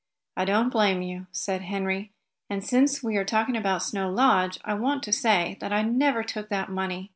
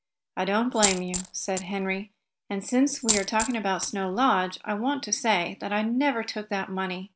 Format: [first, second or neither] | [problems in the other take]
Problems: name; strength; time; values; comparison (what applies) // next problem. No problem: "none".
first | background sound (Coin (dropping)); 4 dB below the speech